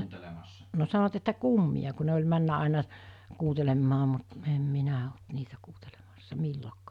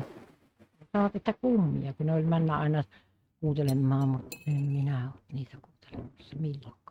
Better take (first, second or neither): first